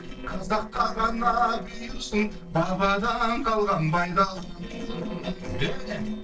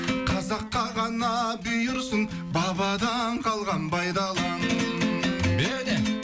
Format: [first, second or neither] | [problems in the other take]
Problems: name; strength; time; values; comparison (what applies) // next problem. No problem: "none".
second | noise reduction (neural separator model SepFormer DNS4)